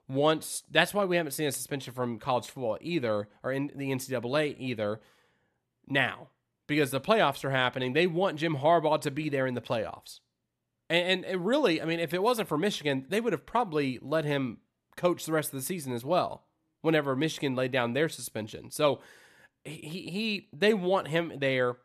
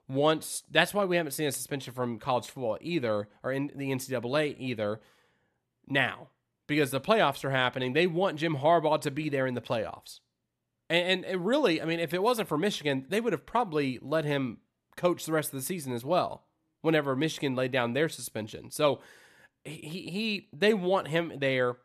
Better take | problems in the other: neither | none

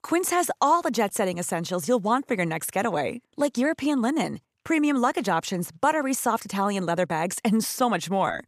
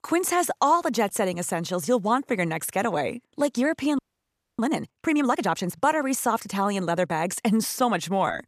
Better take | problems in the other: first | audio freezing; at 4 s for 0.5 s

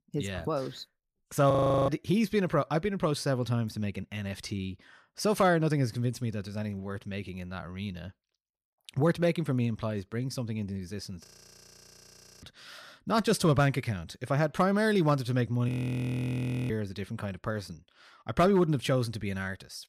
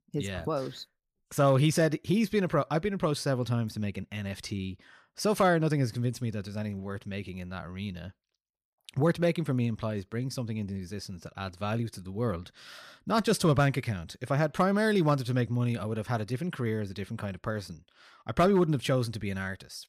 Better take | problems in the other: second | audio freezing; at 1.5 s, at 11 s for 1 s and at 16 s for 1 s

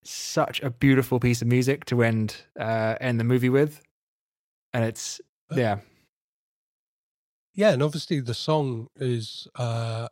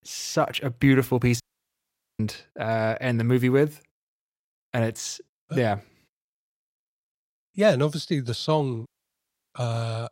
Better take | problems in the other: first | audio cutting out; at 1.5 s for 1 s and at 9 s for 0.5 s

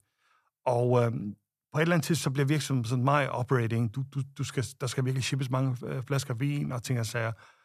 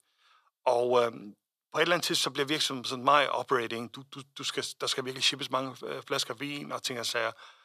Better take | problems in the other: first | thin; very; fading below 450 Hz

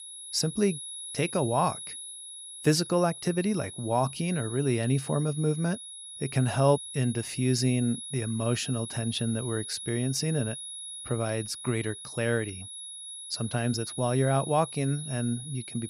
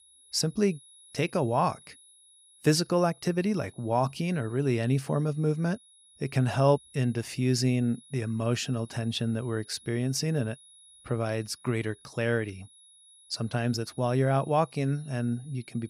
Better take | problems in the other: second | high-pitched whine; loud; throughout; 10.5 kHz, 9 dB below the speech; faint in the second

